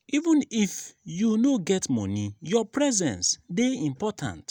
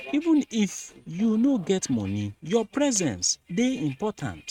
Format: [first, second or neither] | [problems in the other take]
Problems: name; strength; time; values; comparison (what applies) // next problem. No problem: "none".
first | noise reduction (neural mask model RNNoise)